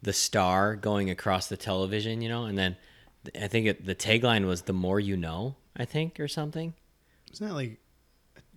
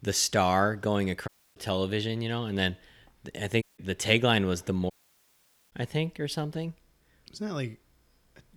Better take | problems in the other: first | audio cutting out; at 1.5 s, at 3.5 s and at 5 s for 1 s

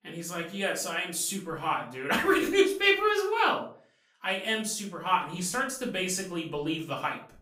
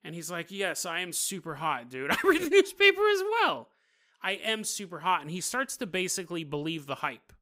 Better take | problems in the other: second | off-mic speech; far // room echo; slight; dies away in 0.4 s

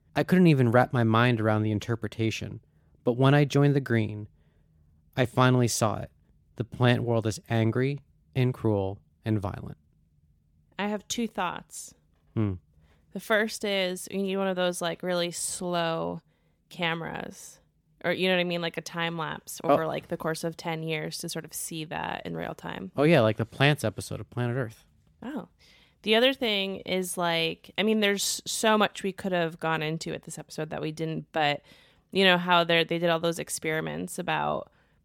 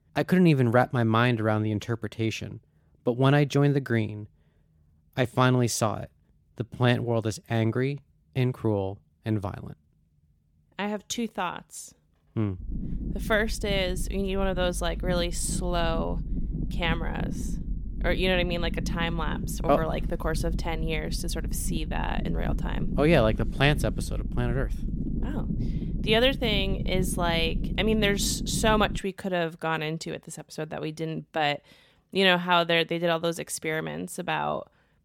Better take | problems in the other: first | low rumble; noticeable; from 13 to 29 s; 15 dB below the speech

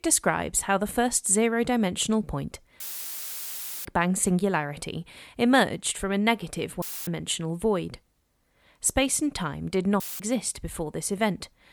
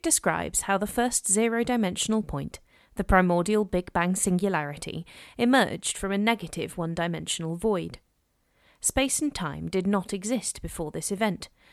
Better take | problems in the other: second | audio cutting out; filled with static; at 3 s for 1 s, at 7 s and at 10 s

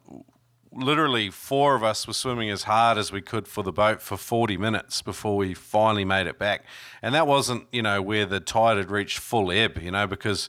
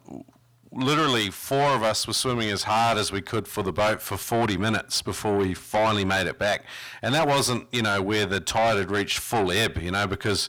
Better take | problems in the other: first | distortion; heavy; 7 dB below the speech

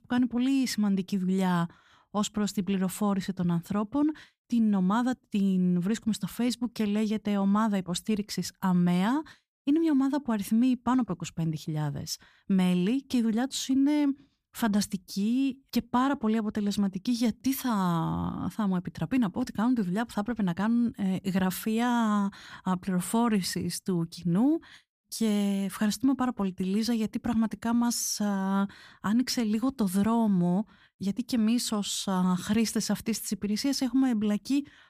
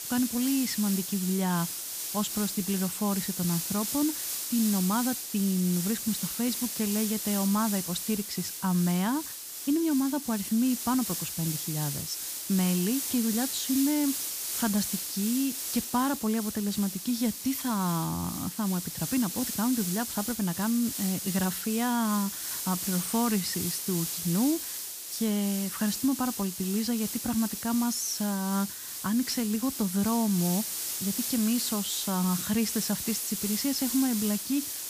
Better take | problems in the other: first | hiss; loud; throughout; 3 dB below the speech

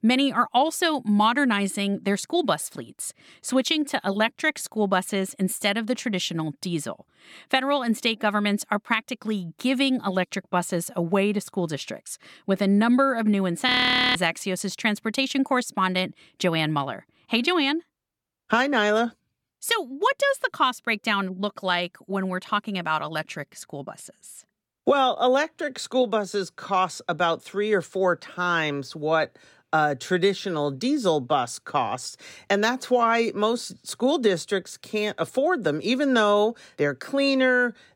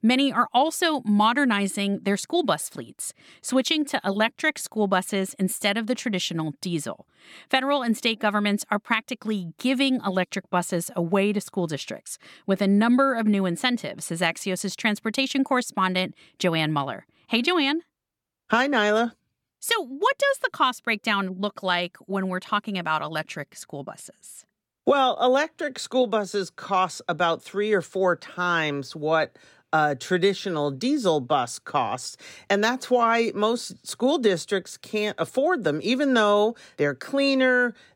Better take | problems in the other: second | audio freezing; at 14 s

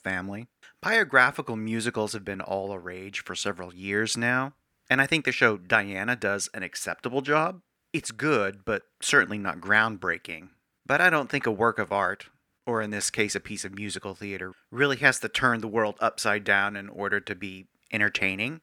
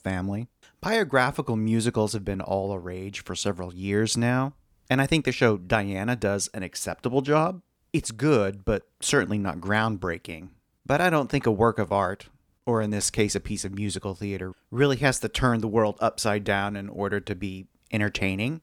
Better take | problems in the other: second | thin; somewhat; fading below 450 Hz

